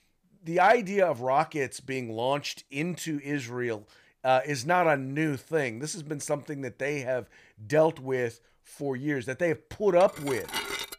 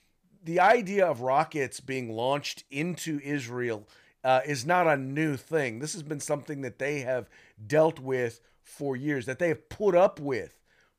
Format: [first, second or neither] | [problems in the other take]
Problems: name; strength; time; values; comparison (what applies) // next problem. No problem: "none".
second | clattering dishes; noticeable; at 10 s; peak 4 dB below the speech